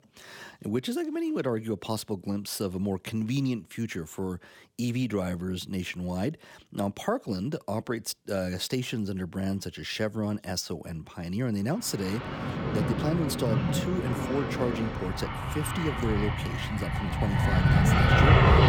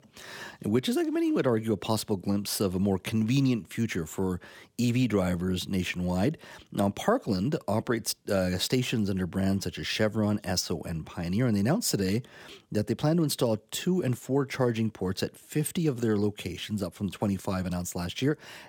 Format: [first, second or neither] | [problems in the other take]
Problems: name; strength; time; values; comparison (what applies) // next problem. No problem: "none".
second | train or aircraft noise; very loud; from 12 s on; 5 dB above the speech